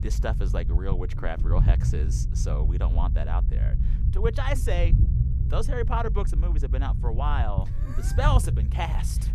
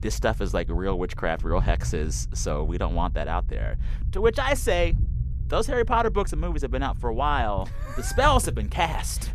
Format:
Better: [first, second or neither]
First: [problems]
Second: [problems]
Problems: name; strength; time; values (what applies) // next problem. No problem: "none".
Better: second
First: low rumble; loud; throughout; 9 dB below the speech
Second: low rumble; faint; throughout; 20 dB below the speech